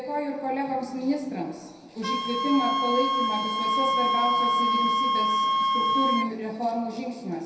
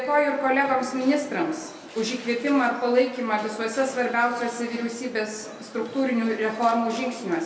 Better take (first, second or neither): second